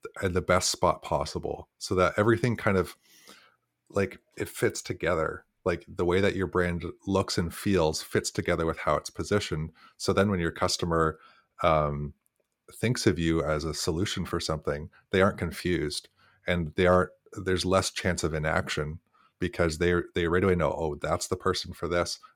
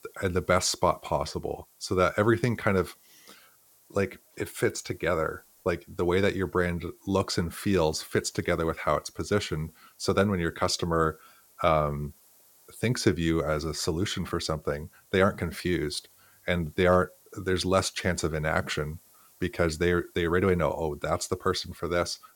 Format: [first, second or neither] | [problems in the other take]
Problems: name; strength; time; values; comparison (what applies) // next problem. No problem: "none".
first | hiss; faint; throughout; 30 dB below the speech